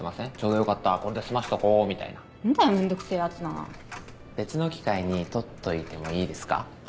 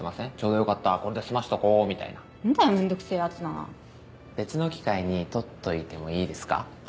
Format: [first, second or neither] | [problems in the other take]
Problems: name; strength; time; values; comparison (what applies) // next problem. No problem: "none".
second | background sound (Coin (dropping)); 19 dB below the speech